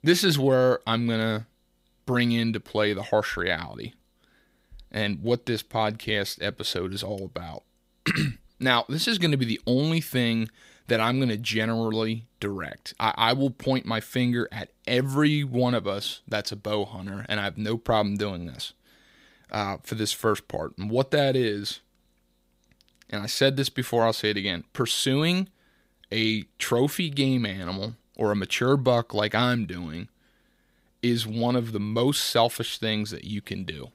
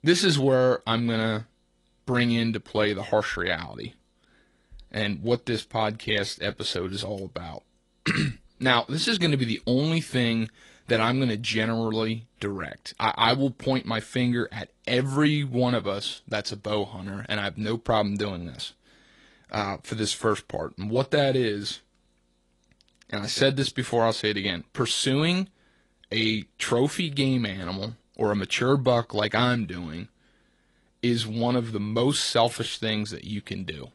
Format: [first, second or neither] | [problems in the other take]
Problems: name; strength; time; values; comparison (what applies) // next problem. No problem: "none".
first | garbled, watery; slightly; nothing above 11 kHz